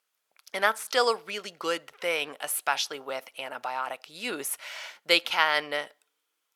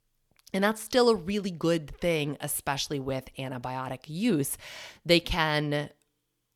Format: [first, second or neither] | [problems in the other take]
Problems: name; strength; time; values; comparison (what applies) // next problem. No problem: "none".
second | thin; very; fading below 700 Hz